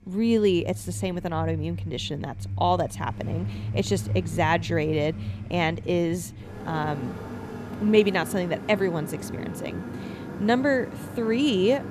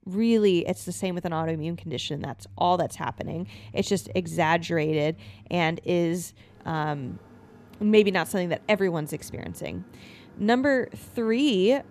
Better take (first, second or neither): second